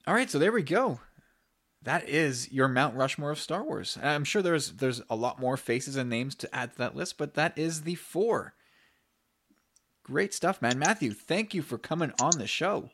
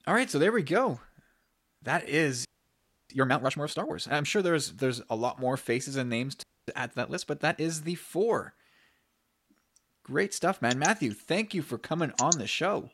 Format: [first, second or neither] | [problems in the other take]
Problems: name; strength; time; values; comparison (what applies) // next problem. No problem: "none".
first | audio freezing; at 2.5 s for 0.5 s and at 6.5 s